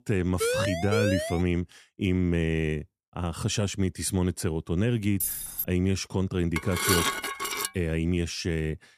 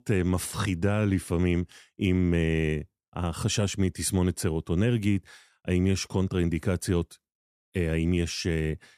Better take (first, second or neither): second